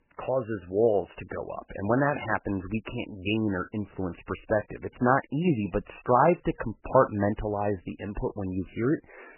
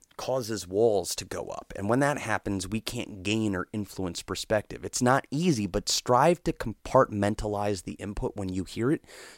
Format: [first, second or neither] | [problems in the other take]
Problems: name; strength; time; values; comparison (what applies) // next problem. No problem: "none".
second | garbled, watery; badly; nothing above 3 kHz